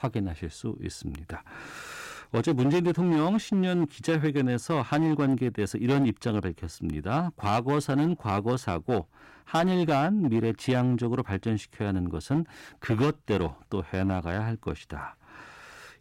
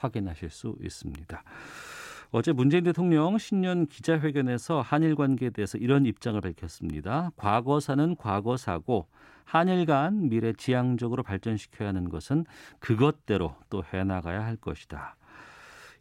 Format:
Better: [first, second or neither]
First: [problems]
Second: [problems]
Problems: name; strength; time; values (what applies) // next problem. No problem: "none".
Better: second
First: distortion; slight; 7% of the sound clipped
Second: none